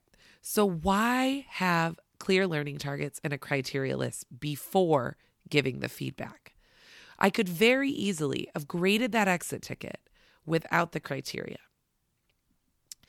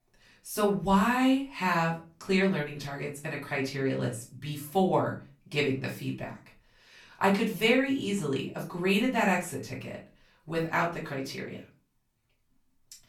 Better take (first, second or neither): first